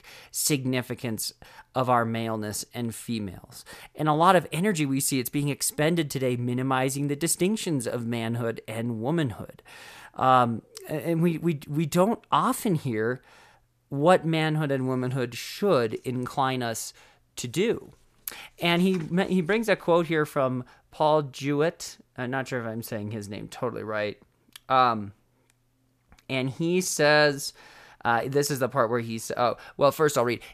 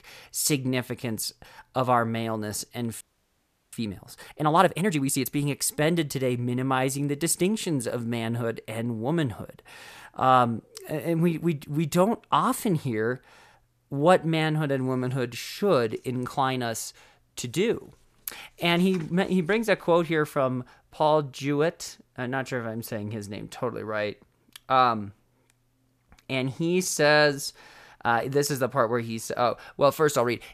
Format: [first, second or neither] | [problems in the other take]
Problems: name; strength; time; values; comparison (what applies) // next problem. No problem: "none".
first | audio freezing; at 3 s for 0.5 s